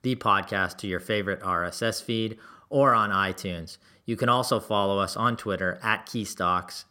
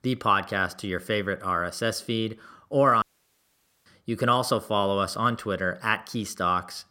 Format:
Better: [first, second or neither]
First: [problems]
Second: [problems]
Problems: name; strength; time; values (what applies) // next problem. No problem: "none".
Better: first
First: none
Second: audio cutting out; at 3 s for 1 s